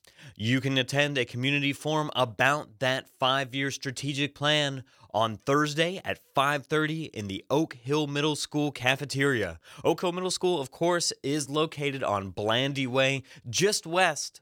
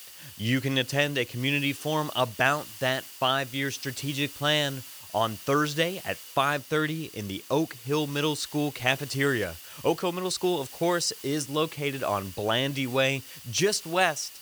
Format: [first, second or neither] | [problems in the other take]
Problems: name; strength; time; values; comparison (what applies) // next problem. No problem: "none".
first | hiss; noticeable; throughout; 15 dB below the speech